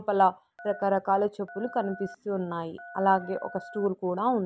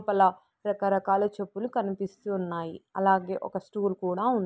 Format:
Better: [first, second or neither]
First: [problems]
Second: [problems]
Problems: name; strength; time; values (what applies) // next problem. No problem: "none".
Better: second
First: background sound (Telephone); 18 dB below the speech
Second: none